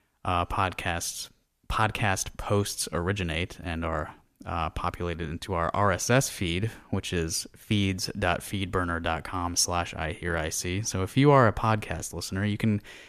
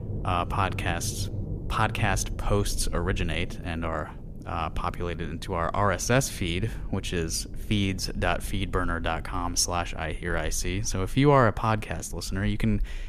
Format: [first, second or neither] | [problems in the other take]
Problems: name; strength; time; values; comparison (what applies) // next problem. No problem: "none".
first | low rumble; faint; throughout; 20 dB below the speech